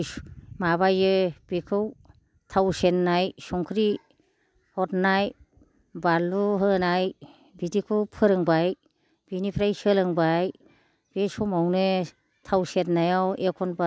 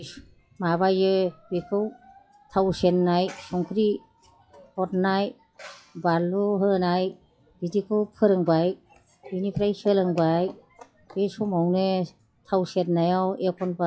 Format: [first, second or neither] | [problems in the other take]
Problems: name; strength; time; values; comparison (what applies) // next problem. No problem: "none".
first | noise reduction (classical method WPE with log-MMSE)